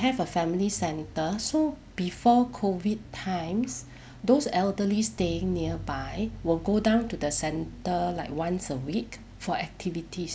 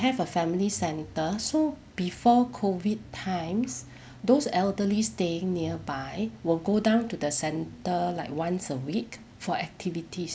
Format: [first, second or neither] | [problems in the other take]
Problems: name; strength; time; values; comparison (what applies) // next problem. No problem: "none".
second | background sound (Bass guitar); 17 dB below the speech